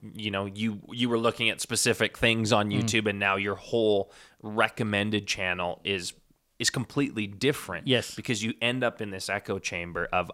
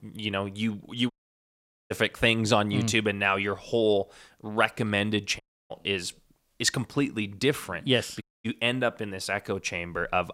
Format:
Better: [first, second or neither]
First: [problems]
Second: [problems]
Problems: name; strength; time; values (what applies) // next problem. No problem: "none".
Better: first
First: none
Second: audio cutting out; at 1 s for 1 s, at 5.5 s and at 8 s